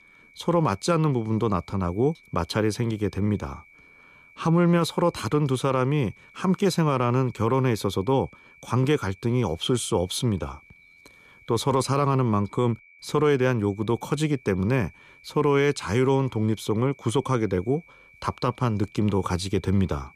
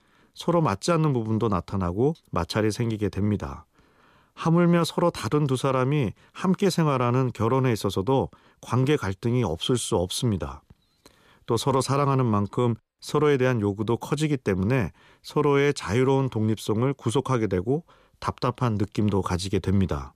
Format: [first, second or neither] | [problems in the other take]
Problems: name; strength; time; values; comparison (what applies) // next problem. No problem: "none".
second | high-pitched whine; faint; throughout; 2.5 kHz, 25 dB below the speech